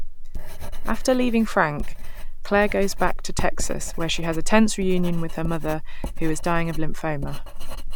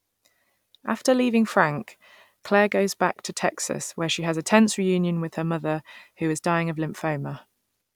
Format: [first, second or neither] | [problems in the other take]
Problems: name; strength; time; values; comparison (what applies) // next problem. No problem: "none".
second | background sound (Writing); 2 dB above the speech